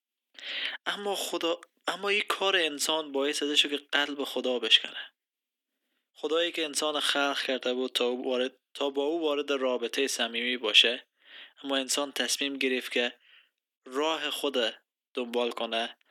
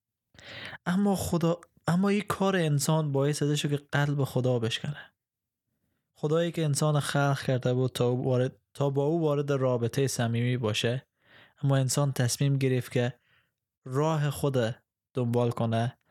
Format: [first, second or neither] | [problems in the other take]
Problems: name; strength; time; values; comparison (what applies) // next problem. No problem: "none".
second | thin; somewhat; fading below 250 Hz